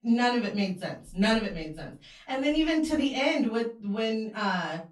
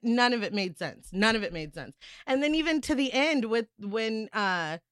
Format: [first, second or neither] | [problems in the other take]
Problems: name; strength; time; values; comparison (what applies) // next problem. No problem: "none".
second | off-mic speech; far // room echo; slight; dies away in 0.3 s